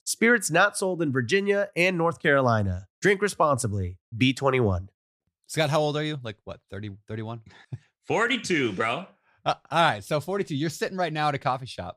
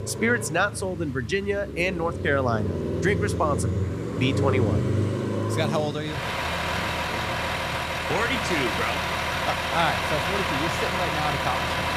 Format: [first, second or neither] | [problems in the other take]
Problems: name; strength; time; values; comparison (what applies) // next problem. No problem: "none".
first | traffic noise; very loud; throughout; 1 dB above the speech